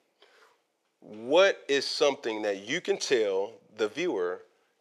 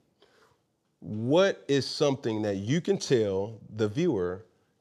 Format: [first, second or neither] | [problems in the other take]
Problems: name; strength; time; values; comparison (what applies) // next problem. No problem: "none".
second | thin; somewhat; fading below 500 Hz